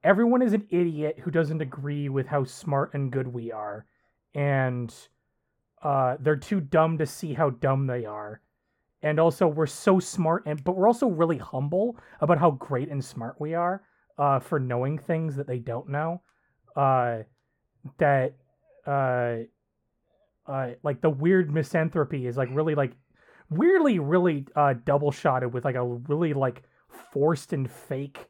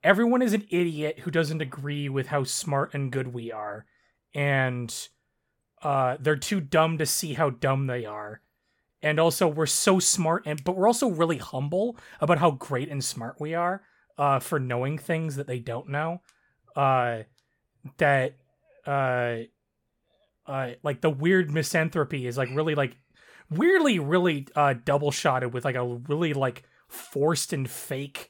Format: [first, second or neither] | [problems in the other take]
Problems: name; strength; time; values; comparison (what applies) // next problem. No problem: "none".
second | muffled; slightly; fading above 2 kHz